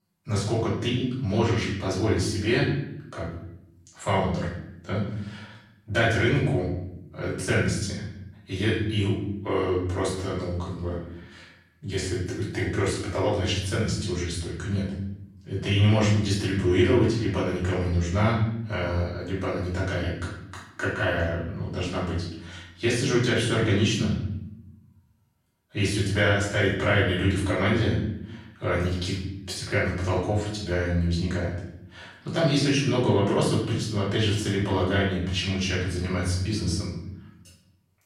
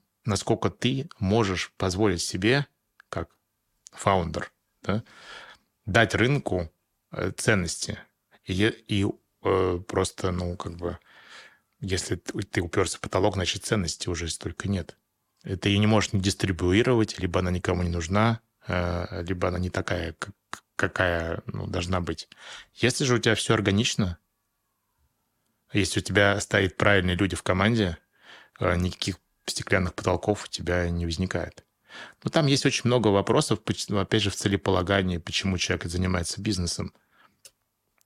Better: second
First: off-mic speech; far // room echo; noticeable; dies away in 0.9 s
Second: none

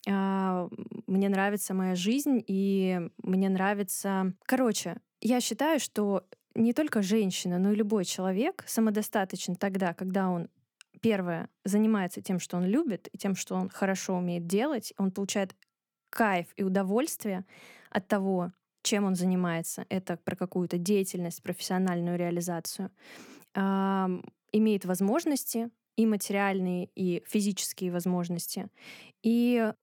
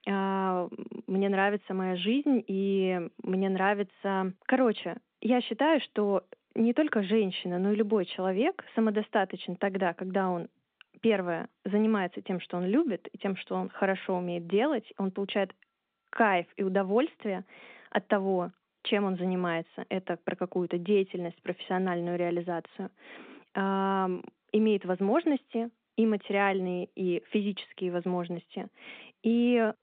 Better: first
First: none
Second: phone-call audio

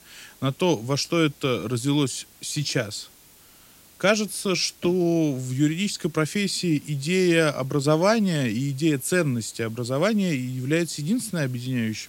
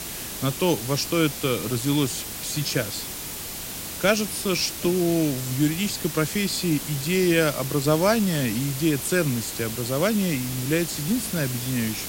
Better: first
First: hiss; faint; throughout; 25 dB below the speech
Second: hiss; loud; throughout; 7 dB below the speech

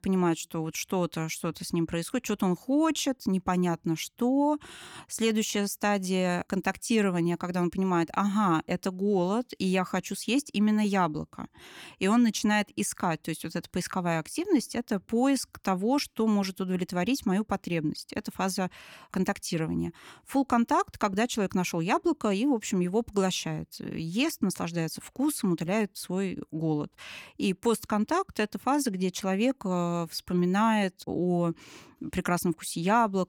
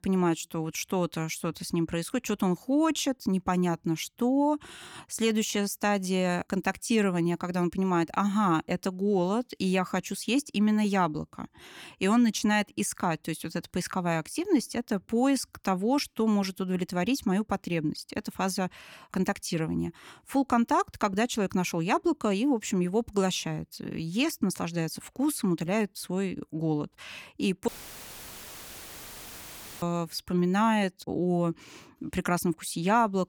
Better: first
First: none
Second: audio cutting out; filled with static; at 28 s for 2 s

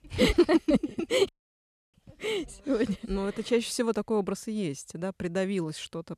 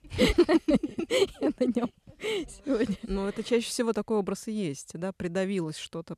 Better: second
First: audio cutting out; at 1.5 s for 0.5 s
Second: none

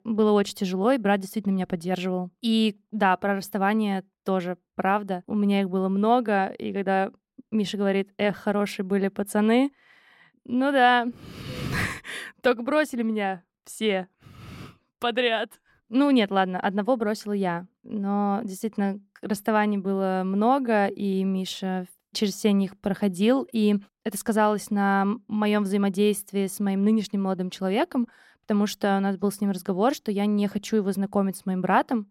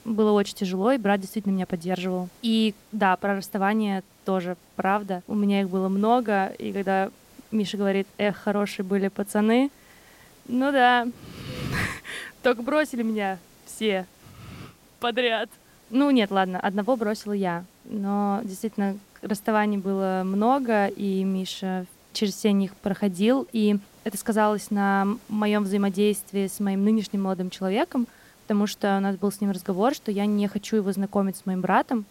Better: first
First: none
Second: hiss; faint; throughout; 30 dB below the speech

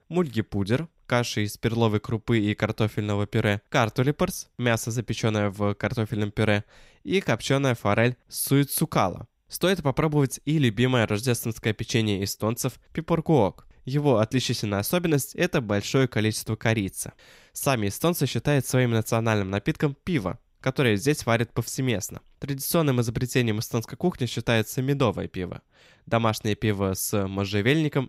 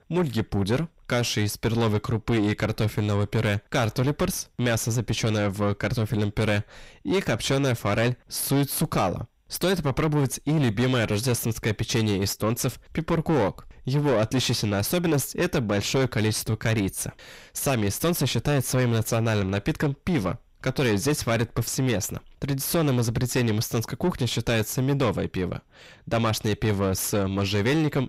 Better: first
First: none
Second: distortion; heavy; 6 dB below the speech

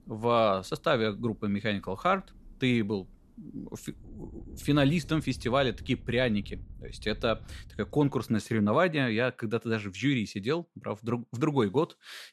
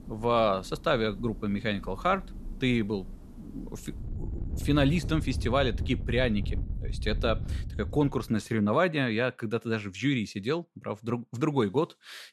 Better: first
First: rain or running water; faint; until 8 s; 20 dB below the speech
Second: rain or running water; loud; until 8 s; 9 dB below the speech

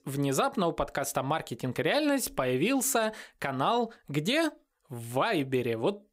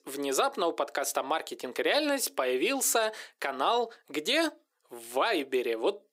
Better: first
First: none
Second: thin; somewhat; fading below 350 Hz

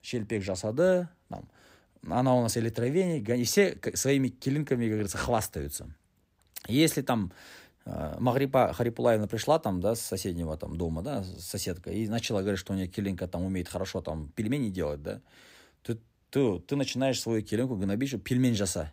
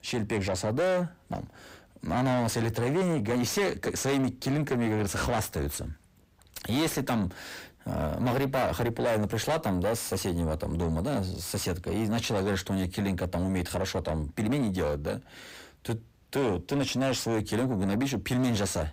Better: first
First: none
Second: distortion; heavy; 6 dB below the speech

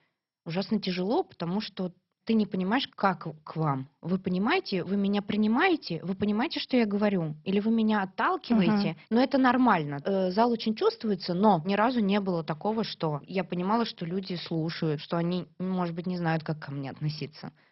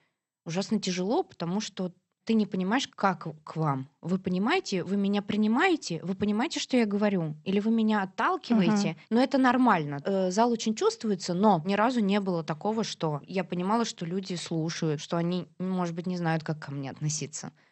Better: second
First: garbled, watery; badly; nothing above 5.5 kHz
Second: garbled, watery; slightly; nothing above 8 kHz

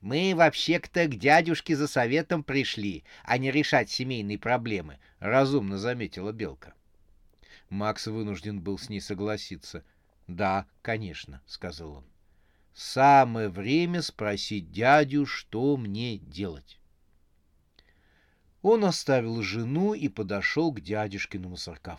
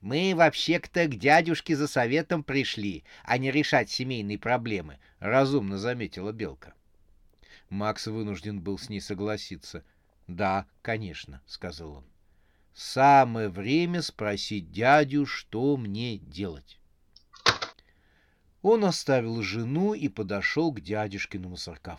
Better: first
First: none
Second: door banging; loud; at 17 s; peak 2 dB above the speech

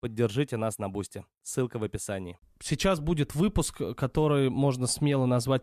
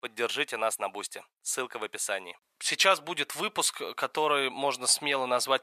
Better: first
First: none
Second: thin; very; fading below 850 Hz

